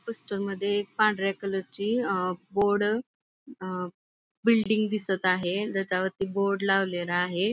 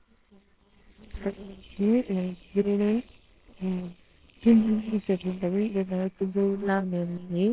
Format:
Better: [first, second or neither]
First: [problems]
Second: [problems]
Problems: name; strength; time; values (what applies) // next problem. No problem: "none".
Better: first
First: none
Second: noise reduction (neural separator model SepFormer WHAMR!)